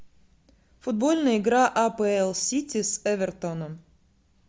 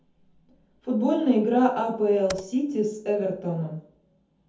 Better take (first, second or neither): first